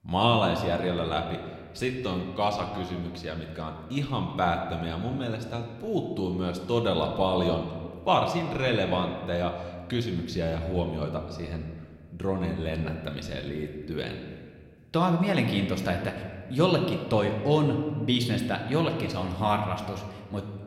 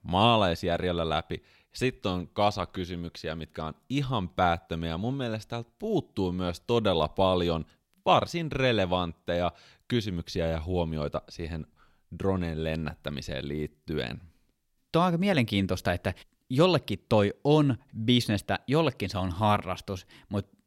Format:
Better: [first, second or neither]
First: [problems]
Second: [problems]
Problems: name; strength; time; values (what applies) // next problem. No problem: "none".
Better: second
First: room echo; slight; dies away in 1.5 s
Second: none